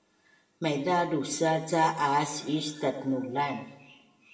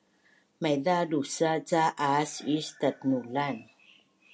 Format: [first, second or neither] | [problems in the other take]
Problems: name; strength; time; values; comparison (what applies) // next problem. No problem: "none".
second | room echo; dies away in 0.8 s